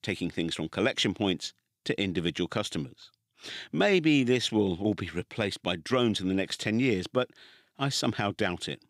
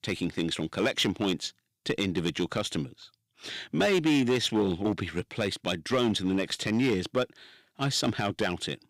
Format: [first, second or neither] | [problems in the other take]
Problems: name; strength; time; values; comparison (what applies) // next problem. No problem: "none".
first | distortion; slight; 5% of the sound clipped